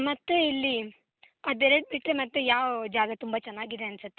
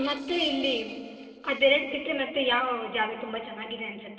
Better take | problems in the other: first | noise reduction (neural separator model SepFormer DNS4)

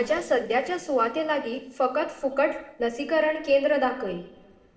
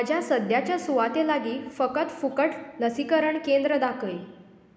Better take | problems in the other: second | noise reduction (neural separator model SepFormer DNS4)

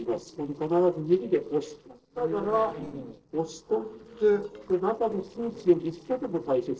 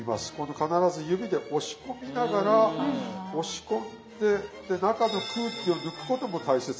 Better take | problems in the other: second | noise reduction (neural separator model SepFormer DNS4)

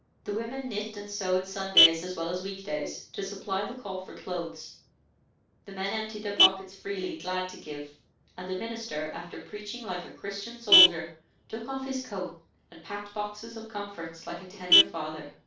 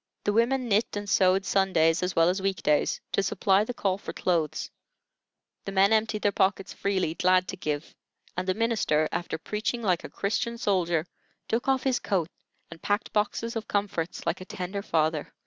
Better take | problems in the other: second | background sound (Vehicle horn, car horn, honking); 2 dB above the speech // room echo; dies away in 0.3 s

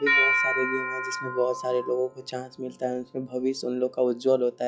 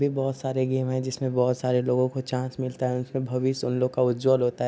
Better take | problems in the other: second | noise reduction (classical method log-MMSE)

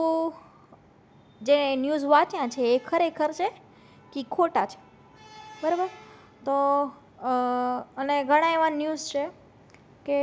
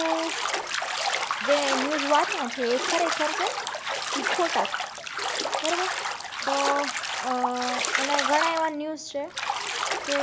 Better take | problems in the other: first | background sound (Bathtub (filling or washing)); as loud as the speech

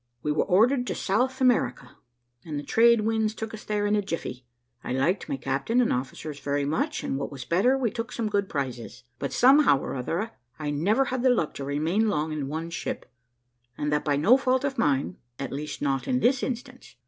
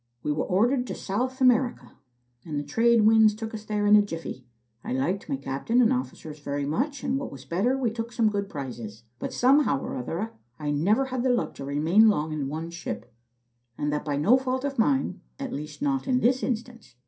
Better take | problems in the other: first | room echo; dies away in 0.3 s

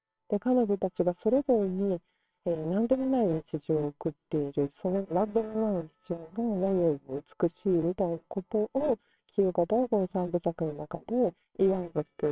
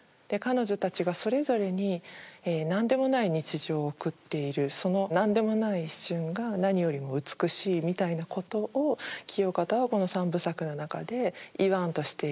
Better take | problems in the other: second | noise reduction (neural separator model SepFormer WHAMR!)

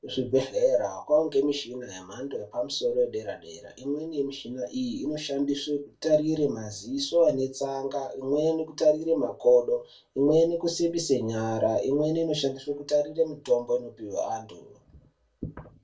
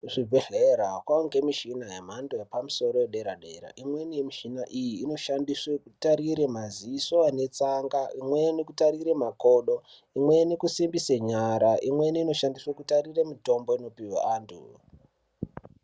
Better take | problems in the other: second | room echo; dies away in 0.2 s

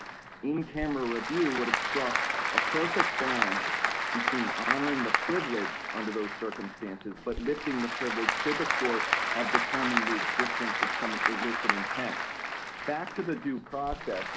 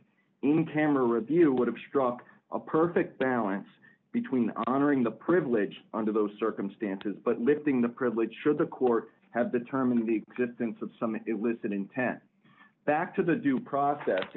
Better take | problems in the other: second | background sound (Applause / Crowd); 3 dB above the speech

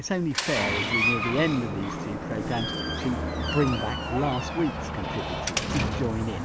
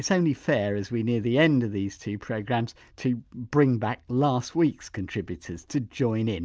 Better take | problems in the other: second | background sound (Door); as loud as the speech

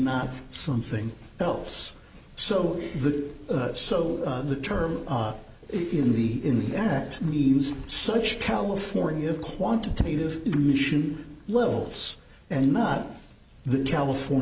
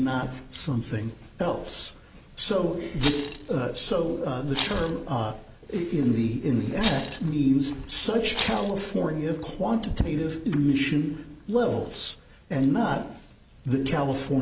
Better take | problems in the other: first | background sound (Rattle); 9 dB below the speech

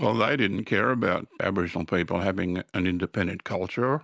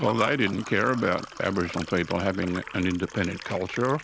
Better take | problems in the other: first | background sound (Liquid); 14 dB below the speech

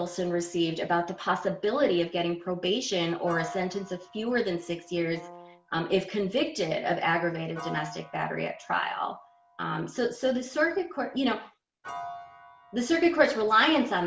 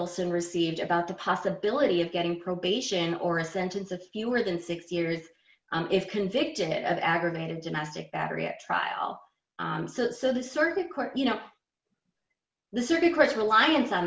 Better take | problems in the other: second | background sound (Piano + Brass instrument); 19 dB below the speech

